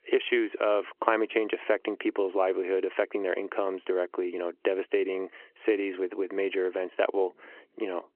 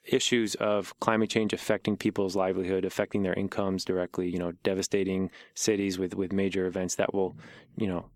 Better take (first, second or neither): second